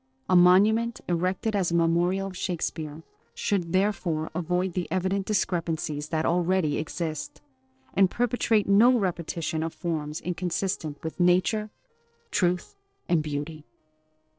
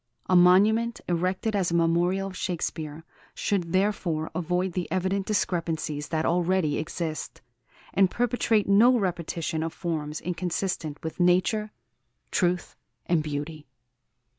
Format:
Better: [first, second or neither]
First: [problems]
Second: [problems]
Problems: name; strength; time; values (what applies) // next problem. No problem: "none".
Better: second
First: noise reduction (neural separator model SepFormer DNS4)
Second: none